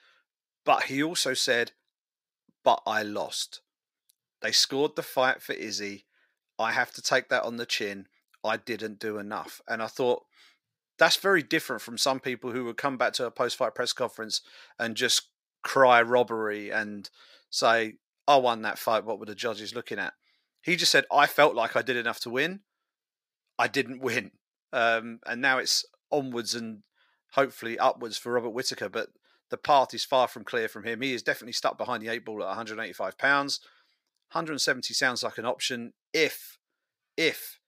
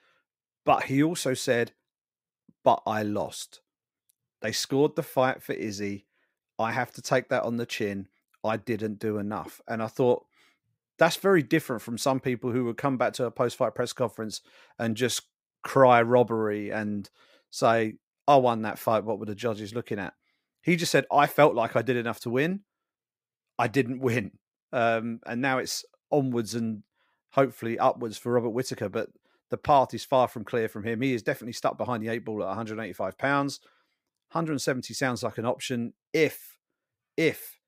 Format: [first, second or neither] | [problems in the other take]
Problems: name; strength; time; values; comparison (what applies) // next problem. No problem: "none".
second | thin; very slightly; fading below 550 Hz